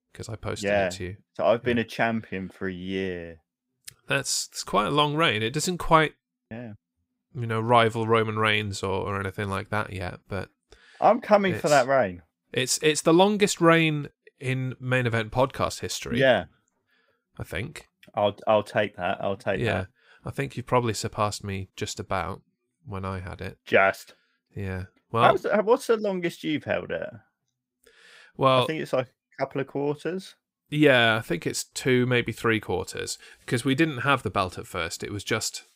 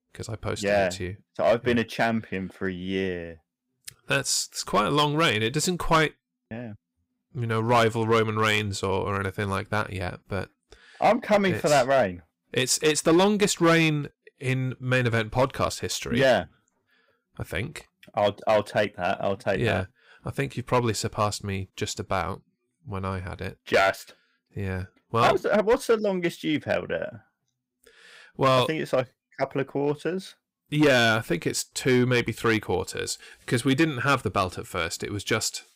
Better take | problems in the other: first | distortion; slight; 3% of the sound clipped

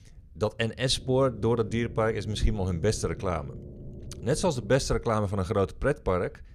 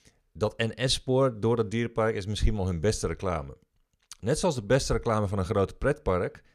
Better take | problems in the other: second | low rumble; faint; throughout; 20 dB below the speech

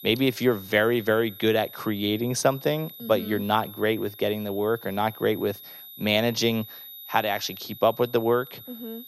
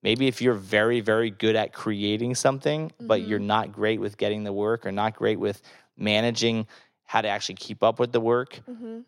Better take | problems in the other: second | high-pitched whine; noticeable; throughout; 12 kHz, 15 dB below the speech

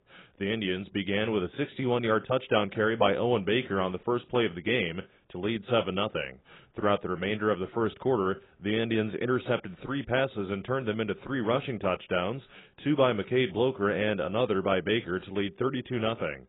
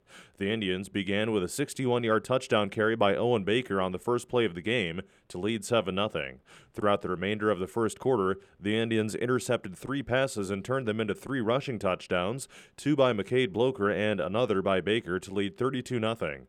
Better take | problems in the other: second | garbled, watery; badly; nothing above 3.5 kHz

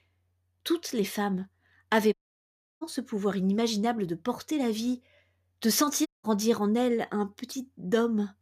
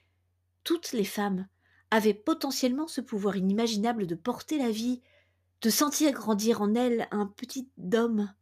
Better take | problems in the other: second | audio cutting out; at 2 s for 0.5 s and at 6 s

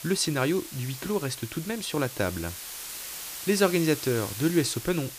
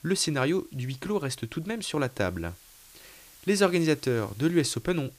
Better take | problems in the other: second | hiss; loud; throughout; 9 dB below the speech; faint in the second

